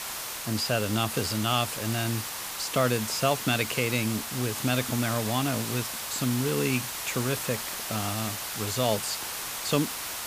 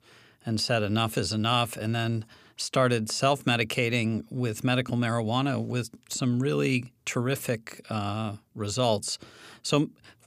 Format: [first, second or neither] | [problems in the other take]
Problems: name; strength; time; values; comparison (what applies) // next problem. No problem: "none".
second | hiss; loud; throughout; 3 dB below the speech